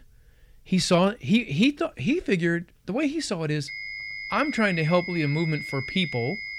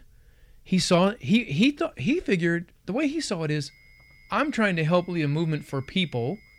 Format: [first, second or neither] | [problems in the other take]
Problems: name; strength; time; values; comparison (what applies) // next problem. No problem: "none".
second | high-pitched whine; loud; from 3.5 s on; 2 kHz, 8 dB below the speech; faint in the second